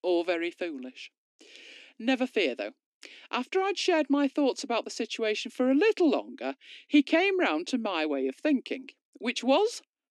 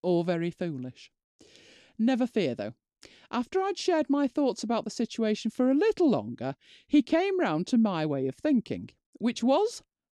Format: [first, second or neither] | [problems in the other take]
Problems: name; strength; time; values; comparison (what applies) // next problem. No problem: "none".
second | thin; very slightly; fading below 250 Hz